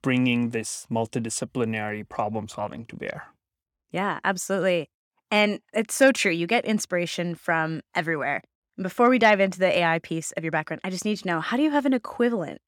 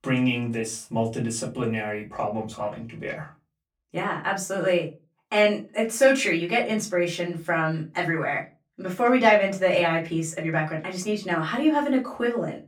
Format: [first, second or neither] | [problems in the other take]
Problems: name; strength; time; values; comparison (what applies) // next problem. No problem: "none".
first | off-mic speech; far // room echo; very slight; dies away in 0.2 s